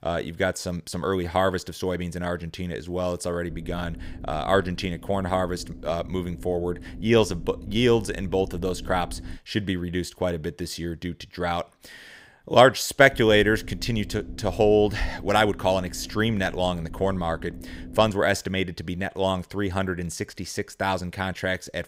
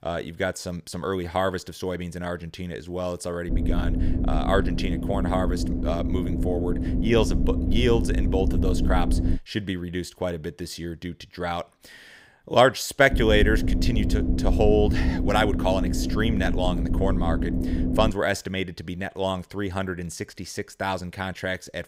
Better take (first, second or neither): first